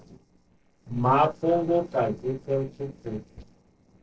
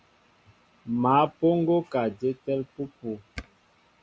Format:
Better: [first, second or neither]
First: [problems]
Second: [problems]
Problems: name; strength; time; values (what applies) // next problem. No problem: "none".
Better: second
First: noise reduction (neural separator model SepFormer DNS4)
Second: none